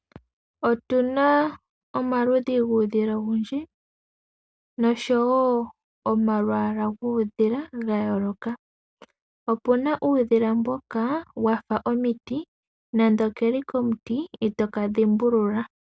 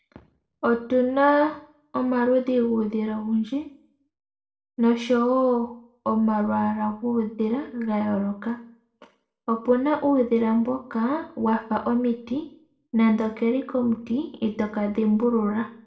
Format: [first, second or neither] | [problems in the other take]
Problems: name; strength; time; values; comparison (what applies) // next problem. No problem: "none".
first | room echo; dies away in 0.4 s